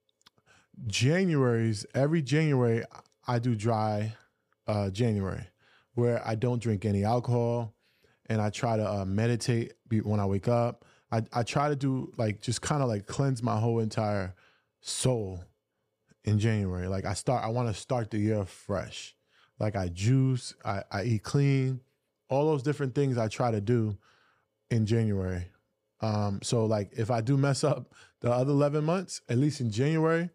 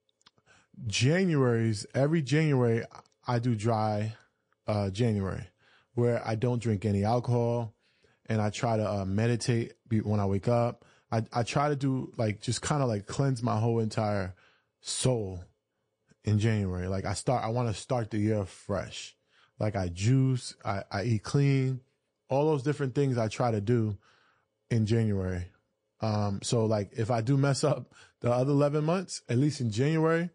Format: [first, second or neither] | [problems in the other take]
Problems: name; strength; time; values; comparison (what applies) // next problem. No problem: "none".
first | garbled, watery; slightly